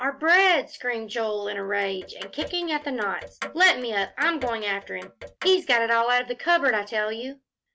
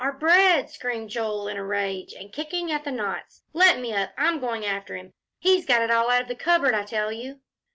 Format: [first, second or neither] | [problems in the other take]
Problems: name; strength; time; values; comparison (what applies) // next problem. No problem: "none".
second | background sound (Clock); 15 dB below the speech